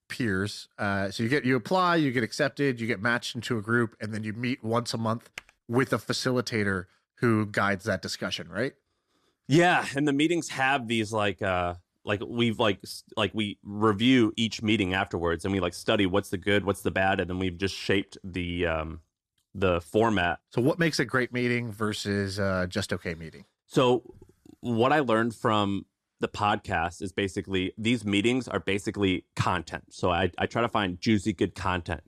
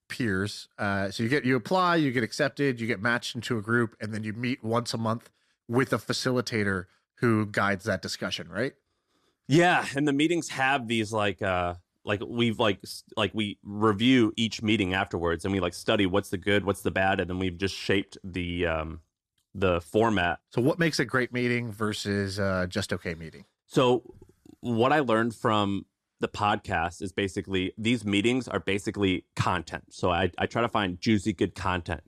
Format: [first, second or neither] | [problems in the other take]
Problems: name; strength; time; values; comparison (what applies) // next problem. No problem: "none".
second | keyboard typing; very faint; at 5.5 s; peak 15 dB below the speech